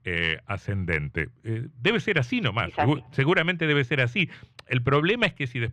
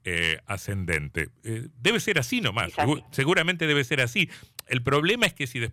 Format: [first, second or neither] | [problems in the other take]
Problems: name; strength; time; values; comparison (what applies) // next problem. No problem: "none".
second | muffled; slightly; fading above 3 kHz